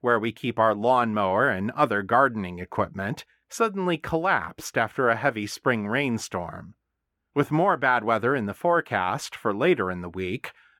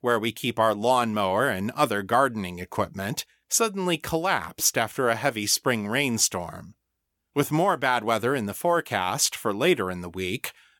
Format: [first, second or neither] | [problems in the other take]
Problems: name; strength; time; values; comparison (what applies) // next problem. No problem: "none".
second | muffled; very; fading above 3.5 kHz